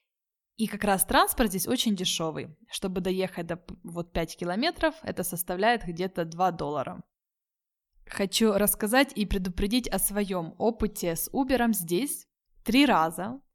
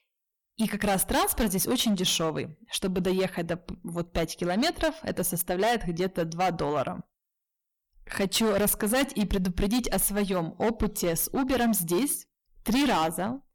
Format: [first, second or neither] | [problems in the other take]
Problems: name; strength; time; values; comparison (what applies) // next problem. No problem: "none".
first | distortion; heavy; 13% of the sound clipped